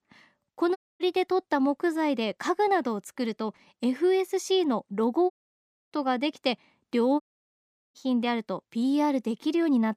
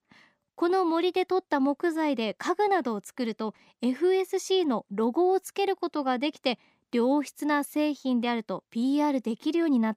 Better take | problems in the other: second | audio cutting out; at 1 s, at 5.5 s for 0.5 s and at 7 s for 0.5 s

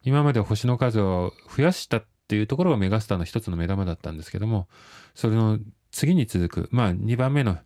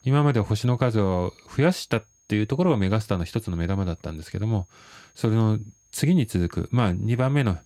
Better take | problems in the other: first | high-pitched whine; faint; throughout; 6.5 kHz, 35 dB below the speech

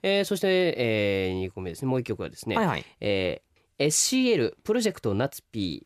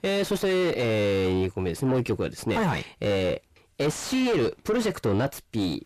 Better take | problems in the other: first | distortion; heavy; 6 dB below the speech

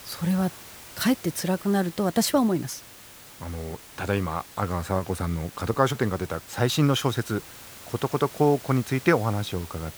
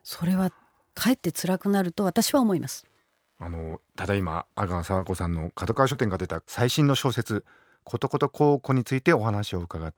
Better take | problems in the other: second | hiss; noticeable; throughout; 15 dB below the speech

